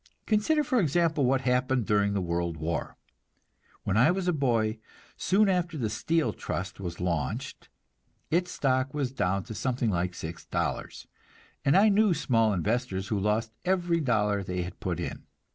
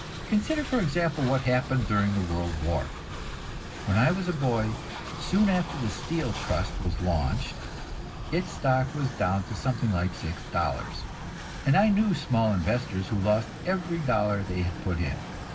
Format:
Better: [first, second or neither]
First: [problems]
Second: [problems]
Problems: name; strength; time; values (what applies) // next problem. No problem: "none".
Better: first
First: none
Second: background sound (Train); 8 dB below the speech // room echo; dies away in 0.4 s